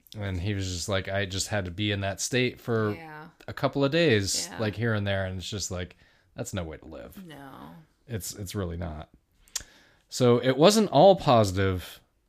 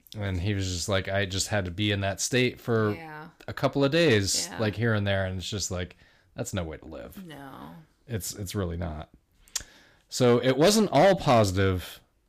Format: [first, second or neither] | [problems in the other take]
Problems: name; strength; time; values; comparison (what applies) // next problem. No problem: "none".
first | distortion; slight; 2% of the sound clipped